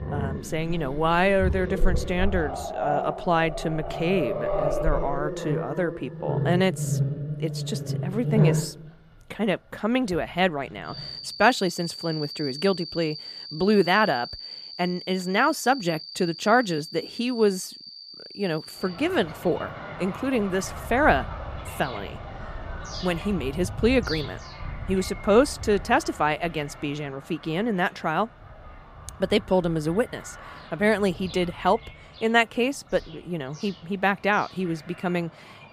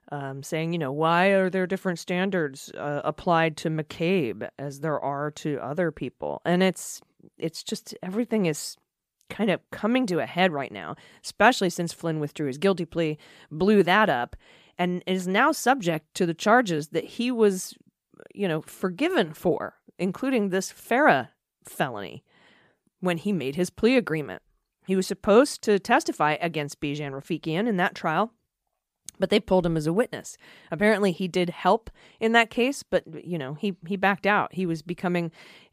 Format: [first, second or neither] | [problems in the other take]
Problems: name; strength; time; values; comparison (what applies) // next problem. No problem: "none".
second | animal sounds; loud; throughout; 7 dB below the speech